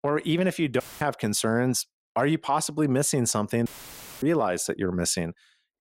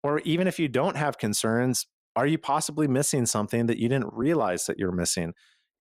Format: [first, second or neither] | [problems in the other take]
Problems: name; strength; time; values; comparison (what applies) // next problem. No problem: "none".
second | audio cutting out; filled with static; at 1 s and at 3.5 s for 0.5 s